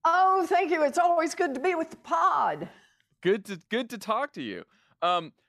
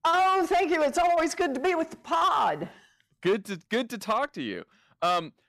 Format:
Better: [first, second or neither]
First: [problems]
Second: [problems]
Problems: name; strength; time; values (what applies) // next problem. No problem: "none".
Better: first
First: none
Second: distortion; slight; 9% of the sound clipped